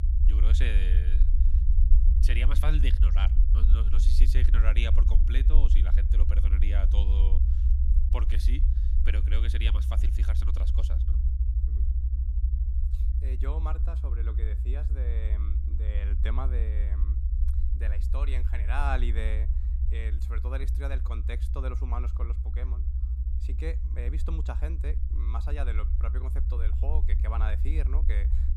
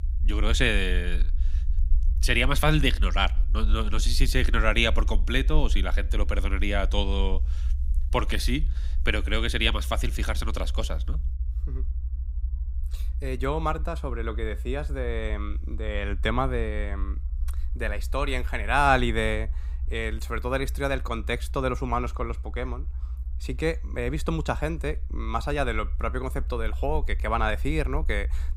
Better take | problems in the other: second | low rumble; loud; throughout; 6 dB below the speech; faint in the second

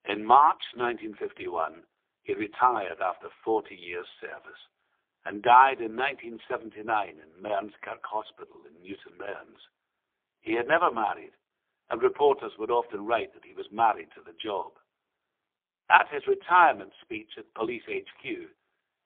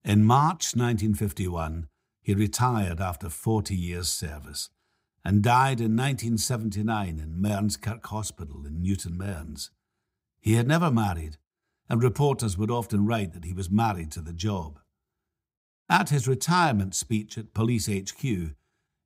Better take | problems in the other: second | phone-call audio; poor line; nothing above 3.5 kHz

